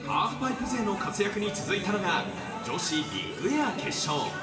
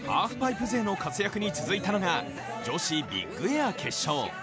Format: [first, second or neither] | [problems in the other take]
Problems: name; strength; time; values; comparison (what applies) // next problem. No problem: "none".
second | room echo; dies away in 2.4 s